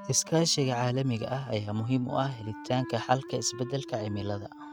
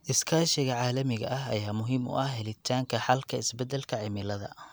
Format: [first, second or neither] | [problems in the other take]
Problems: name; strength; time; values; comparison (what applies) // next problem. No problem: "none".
second | noise reduction (neural mask model RNNoise)